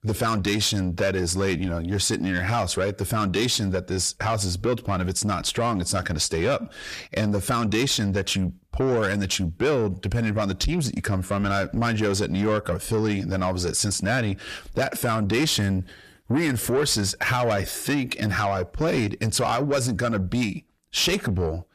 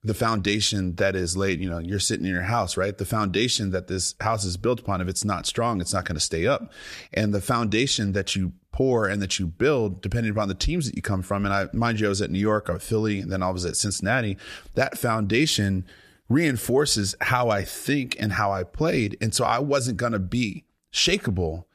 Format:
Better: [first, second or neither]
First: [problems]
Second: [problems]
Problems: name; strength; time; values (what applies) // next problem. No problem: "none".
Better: second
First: distortion; slight; 10 dB below the speech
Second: none